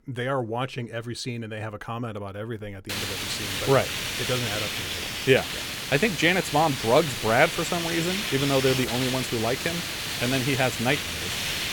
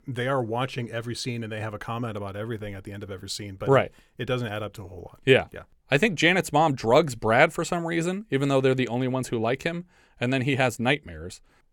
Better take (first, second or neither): second